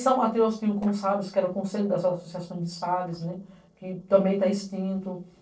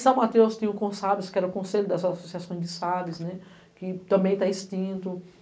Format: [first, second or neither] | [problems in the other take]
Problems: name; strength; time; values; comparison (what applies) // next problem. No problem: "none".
second | noise reduction (neural separator model SepFormer DNS4)